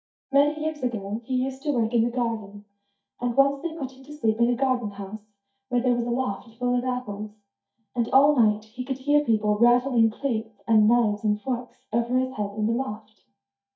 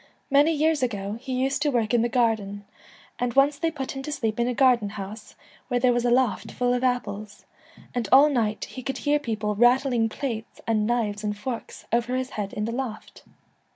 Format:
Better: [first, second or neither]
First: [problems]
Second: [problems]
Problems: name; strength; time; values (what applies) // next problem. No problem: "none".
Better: second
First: noise reduction (neural mask model DeepFilterNet 3)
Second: none